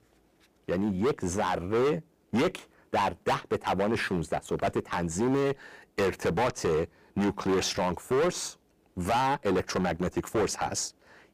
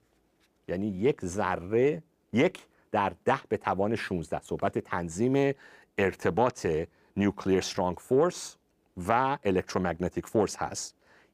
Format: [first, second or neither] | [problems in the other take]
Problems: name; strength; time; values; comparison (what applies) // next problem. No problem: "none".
second | distortion; heavy; 12% of the sound clipped